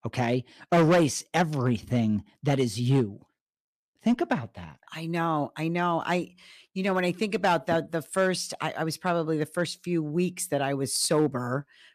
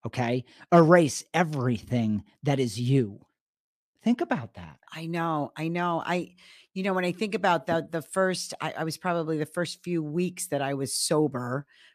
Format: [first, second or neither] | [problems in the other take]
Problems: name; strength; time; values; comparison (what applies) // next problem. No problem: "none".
second | distortion; slight; 3% of the sound clipped